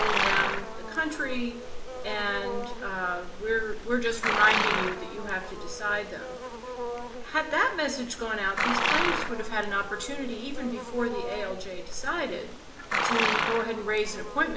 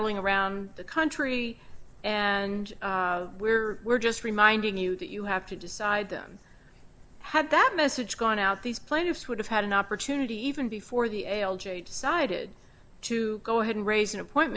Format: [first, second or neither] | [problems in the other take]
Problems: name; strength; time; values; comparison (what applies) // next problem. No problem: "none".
second | background sound (Livestock, farm animals, working animals); 2 dB below the speech // room echo; dies away in 0.5 s